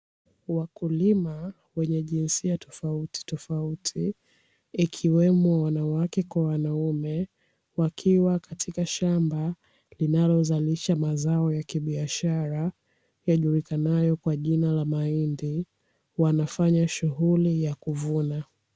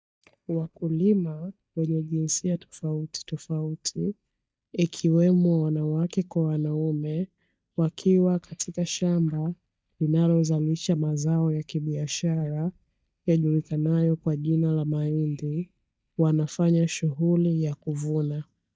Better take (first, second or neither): first